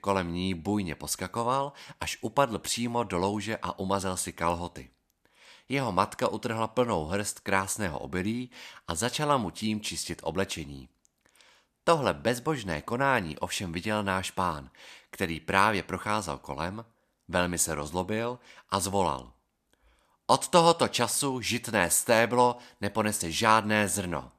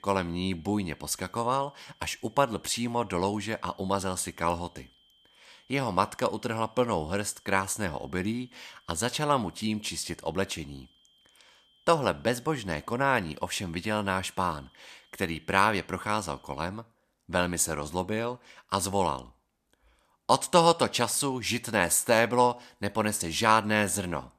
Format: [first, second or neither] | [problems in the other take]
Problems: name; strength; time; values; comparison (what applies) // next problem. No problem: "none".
first | high-pitched whine; faint; until 17 s; 3 kHz, 35 dB below the speech